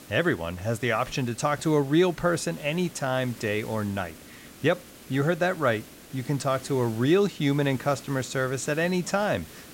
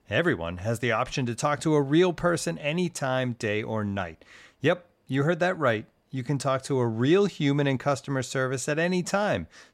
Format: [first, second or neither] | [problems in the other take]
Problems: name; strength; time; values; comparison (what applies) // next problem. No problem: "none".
second | hiss; noticeable; throughout; 20 dB below the speech